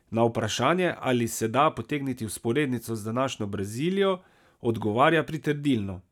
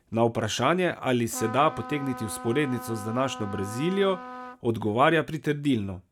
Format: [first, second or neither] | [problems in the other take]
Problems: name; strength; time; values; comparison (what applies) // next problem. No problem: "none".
first | background sound (Trumpet); 12 dB below the speech